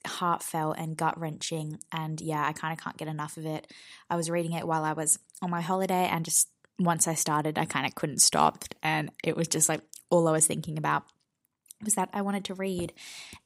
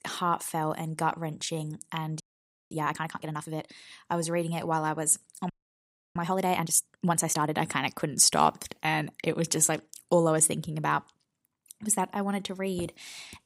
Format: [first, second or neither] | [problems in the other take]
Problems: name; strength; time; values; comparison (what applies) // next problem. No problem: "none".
first | audio freezing; at 2 s for 0.5 s and at 5.5 s for 0.5 s